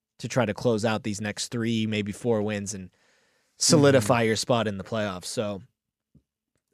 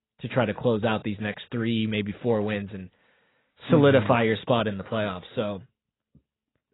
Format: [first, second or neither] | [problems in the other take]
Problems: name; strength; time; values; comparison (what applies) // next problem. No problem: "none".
first | garbled, watery; badly; nothing above 4 kHz